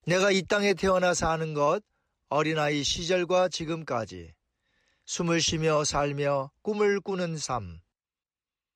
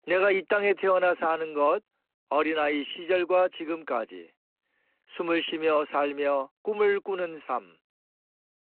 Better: first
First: none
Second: phone-call audio

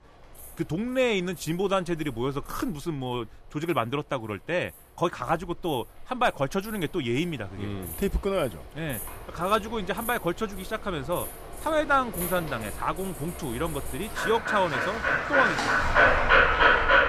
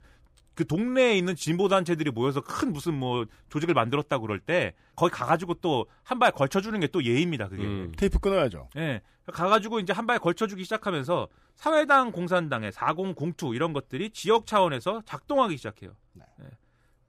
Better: second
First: animal sounds; very loud; throughout; 4 dB above the speech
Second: none

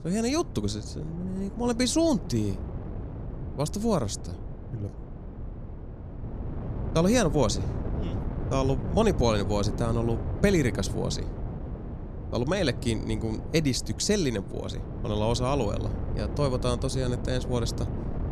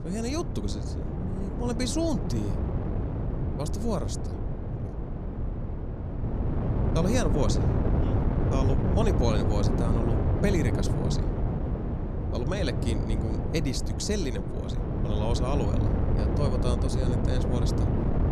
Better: first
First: wind noise on the microphone; occasional gusts; 15 dB below the speech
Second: wind noise on the microphone; heavy; 2 dB below the speech

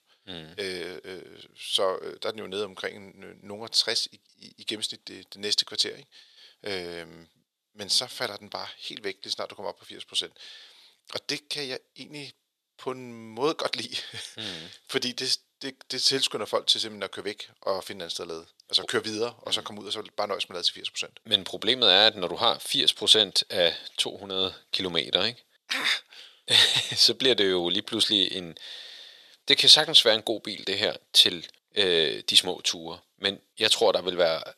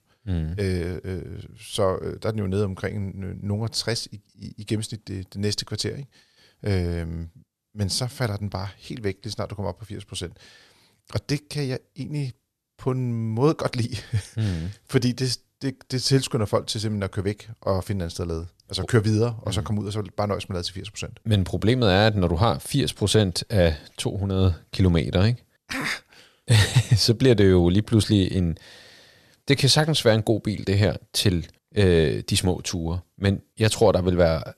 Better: second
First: thin; very; fading below 450 Hz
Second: none

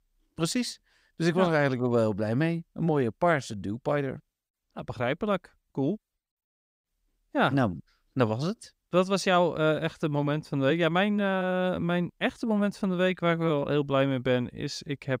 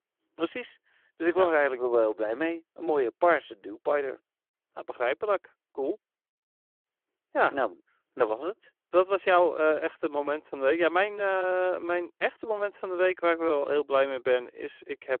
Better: first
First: none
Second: phone-call audio

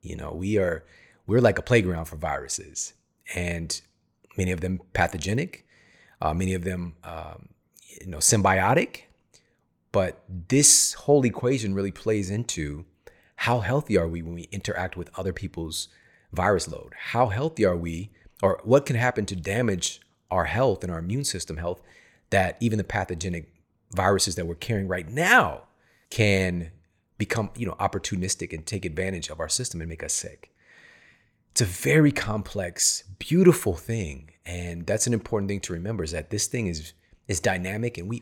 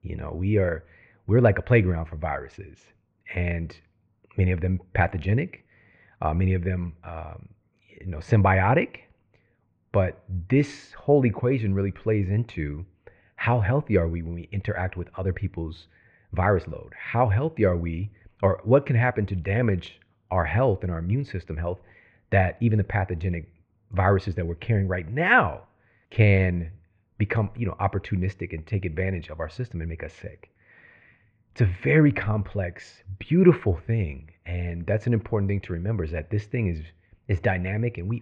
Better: first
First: none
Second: muffled; very; fading above 2.5 kHz

